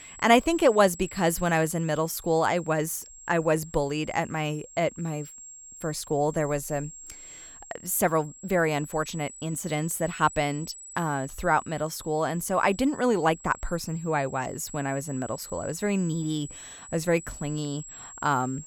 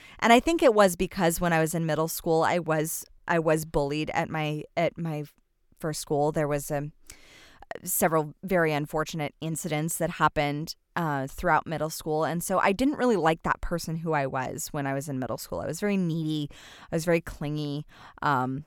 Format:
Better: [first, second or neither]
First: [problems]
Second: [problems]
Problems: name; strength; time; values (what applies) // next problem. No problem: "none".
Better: second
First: high-pitched whine; noticeable; throughout; 7.5 kHz, 15 dB below the speech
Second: none